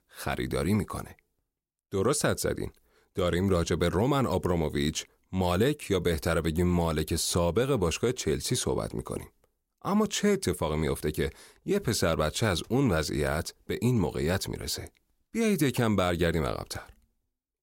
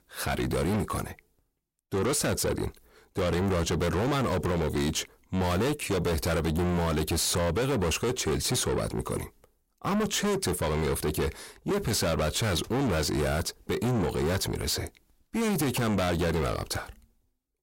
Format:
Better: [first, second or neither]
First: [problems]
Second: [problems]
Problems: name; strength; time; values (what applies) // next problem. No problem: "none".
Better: first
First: none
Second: distortion; heavy; 7 dB below the speech